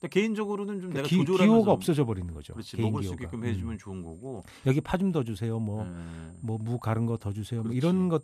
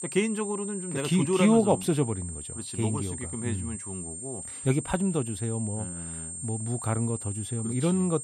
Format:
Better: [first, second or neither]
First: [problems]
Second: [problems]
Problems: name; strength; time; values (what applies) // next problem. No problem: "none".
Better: first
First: high-pitched whine; faint; throughout; 8.5 kHz, 35 dB below the speech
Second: high-pitched whine; loud; throughout; 8.5 kHz, 8 dB below the speech